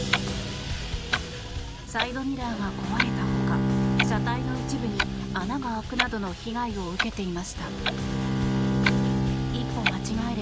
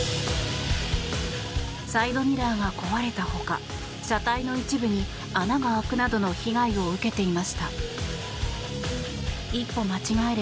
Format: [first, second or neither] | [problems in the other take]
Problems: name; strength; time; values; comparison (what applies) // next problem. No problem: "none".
second | background sound (Clock + Bowed string instrument); 4 dB above the speech